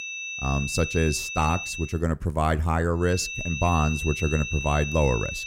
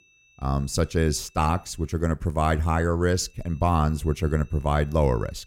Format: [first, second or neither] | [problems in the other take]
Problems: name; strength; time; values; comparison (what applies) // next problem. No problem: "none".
second | high-pitched whine; loud; until 2 s and from 3 s on; 2.5 kHz, 6 dB below the speech; faint in the second